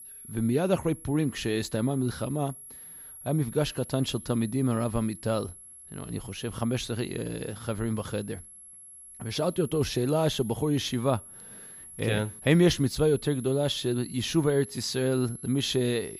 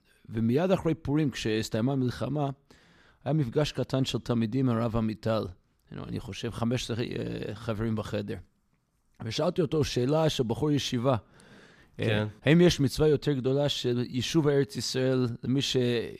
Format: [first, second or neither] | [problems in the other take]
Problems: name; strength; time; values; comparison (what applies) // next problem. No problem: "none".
second | high-pitched whine; noticeable; throughout; 11 kHz, 15 dB below the speech